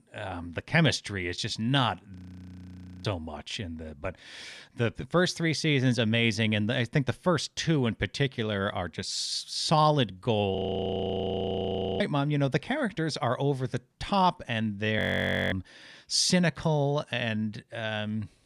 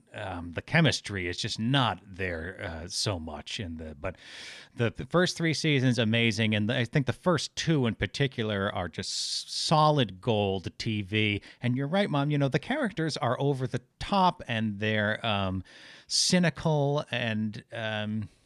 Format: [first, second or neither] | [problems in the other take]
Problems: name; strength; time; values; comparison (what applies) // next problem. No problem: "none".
second | audio freezing; at 2 s for 1 s, at 11 s for 1.5 s and at 15 s for 0.5 s